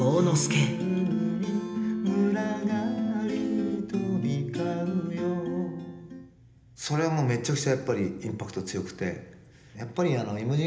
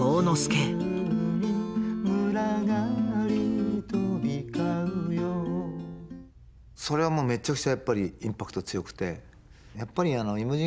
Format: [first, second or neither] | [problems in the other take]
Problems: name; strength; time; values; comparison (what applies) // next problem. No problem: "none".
second | room echo; dies away in 0.8 s